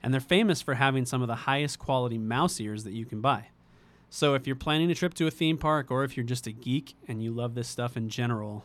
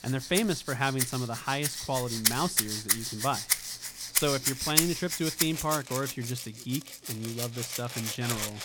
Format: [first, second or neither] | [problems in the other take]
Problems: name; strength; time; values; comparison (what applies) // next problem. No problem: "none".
first | background music; very loud; throughout; 2 dB above the speech